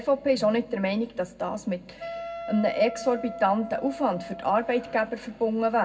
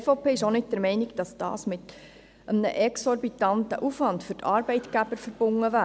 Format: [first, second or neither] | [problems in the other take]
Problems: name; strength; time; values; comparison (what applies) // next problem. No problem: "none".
second | background sound (Wind instrument, woodwind instrument); 12 dB below the speech // room echo; dies away in 0.3 s